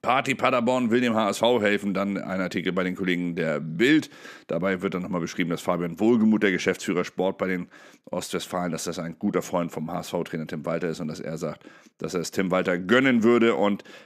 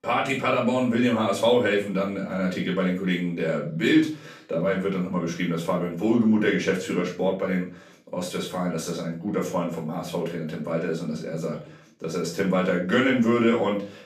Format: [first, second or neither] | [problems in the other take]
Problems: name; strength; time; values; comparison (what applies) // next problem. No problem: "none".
first | off-mic speech; far // room echo; slight; dies away in 0.4 s